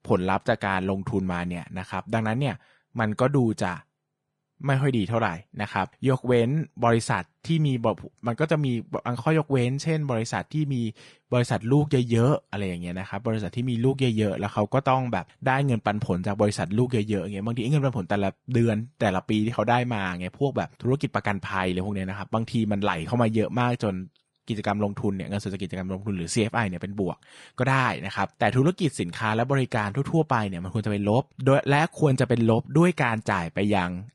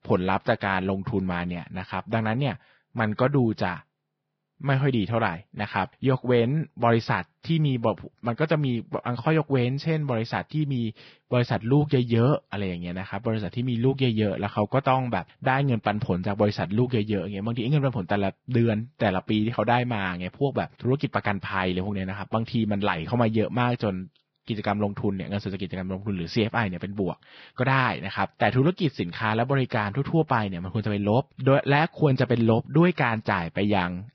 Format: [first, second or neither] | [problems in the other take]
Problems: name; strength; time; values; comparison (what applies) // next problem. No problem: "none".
first | garbled, watery; badly; nothing above 5.5 kHz; slightly in the first